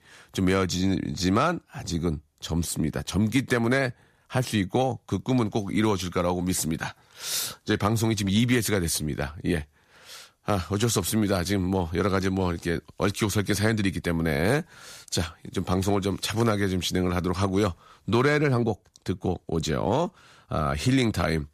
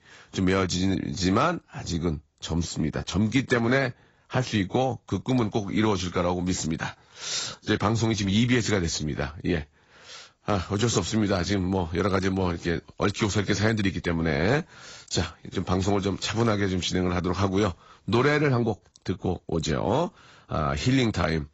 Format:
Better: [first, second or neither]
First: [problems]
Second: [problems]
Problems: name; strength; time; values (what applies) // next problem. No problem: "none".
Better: first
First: none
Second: garbled, watery; badly; nothing above 7.5 kHz